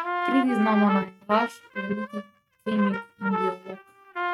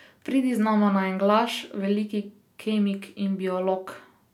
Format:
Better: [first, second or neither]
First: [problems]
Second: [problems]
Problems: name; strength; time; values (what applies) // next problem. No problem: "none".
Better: second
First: noise reduction (neural mask model RNNoise)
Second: none